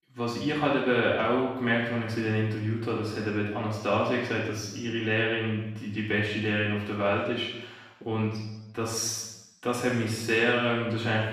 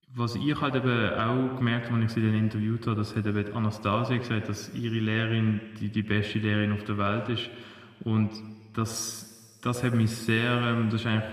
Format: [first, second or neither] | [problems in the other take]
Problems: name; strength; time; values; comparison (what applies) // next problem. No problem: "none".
second | room echo; strong; dies away in 0.8 s; slight in the second // off-mic speech; far